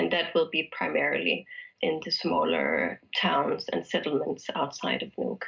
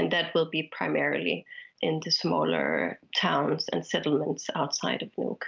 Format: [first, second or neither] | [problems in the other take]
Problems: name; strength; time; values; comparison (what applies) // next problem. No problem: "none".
second | room echo; dies away in 0.2 s